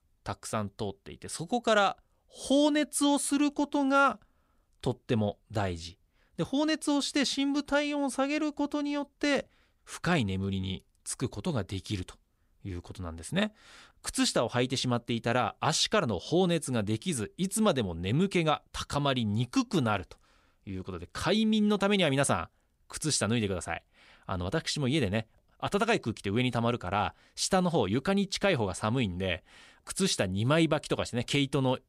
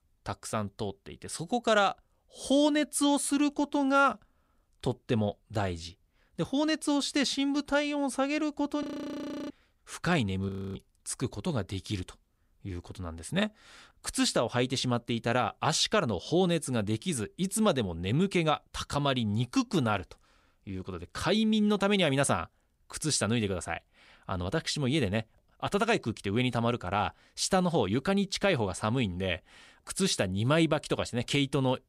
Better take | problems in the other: first | audio freezing; at 9 s for 0.5 s and at 10 s

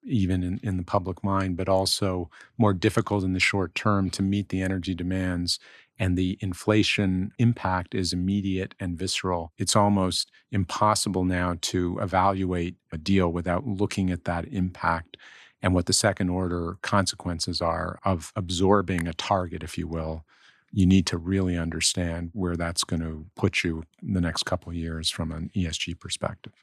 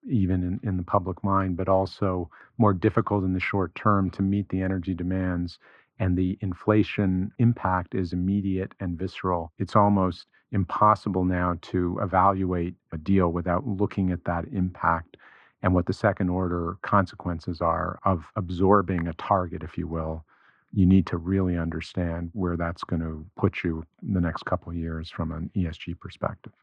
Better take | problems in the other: first | muffled; very; fading above 1.5 kHz

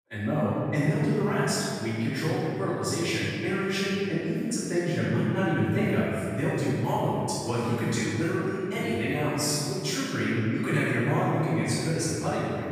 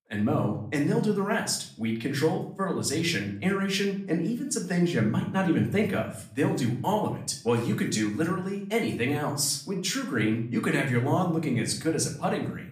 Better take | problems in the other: second | room echo; strong; dies away in 2.2 s; slight in the second // off-mic speech; far; far in the second

